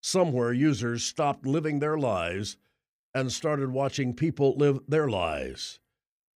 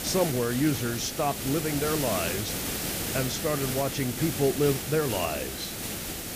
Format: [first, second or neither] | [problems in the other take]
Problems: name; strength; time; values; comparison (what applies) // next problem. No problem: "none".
first | hiss; loud; throughout; 3 dB below the speech